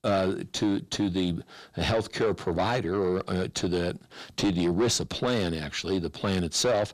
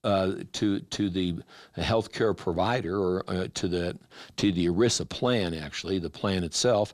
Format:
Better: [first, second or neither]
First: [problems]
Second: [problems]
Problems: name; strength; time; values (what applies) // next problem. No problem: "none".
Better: second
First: distortion; slight; 10 dB below the speech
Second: none